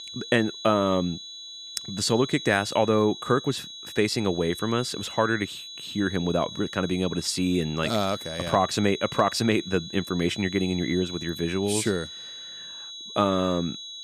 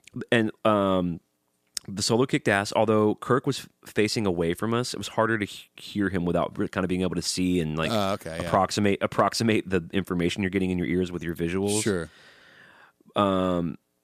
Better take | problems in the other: second | high-pitched whine; noticeable; throughout; 4 kHz, 10 dB below the speech

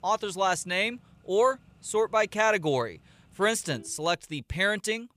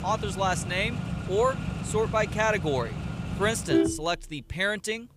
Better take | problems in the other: first | traffic noise; loud; throughout; 3 dB below the speech; faint in the first

